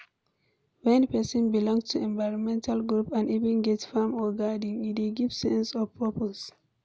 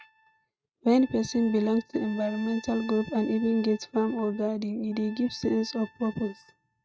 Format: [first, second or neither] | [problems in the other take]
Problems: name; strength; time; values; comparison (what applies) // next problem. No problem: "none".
first | noise reduction (neural mask model RNNoise)